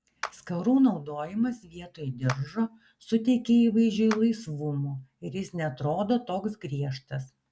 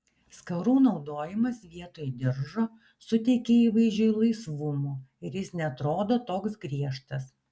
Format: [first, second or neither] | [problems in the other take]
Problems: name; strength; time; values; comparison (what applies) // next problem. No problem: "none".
second | background sound (Clapping); 17 dB below the speech